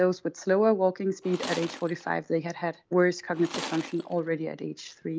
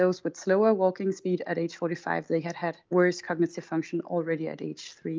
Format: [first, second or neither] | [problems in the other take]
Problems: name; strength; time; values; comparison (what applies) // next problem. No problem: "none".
second | background sound (Tools); 12 dB below the speech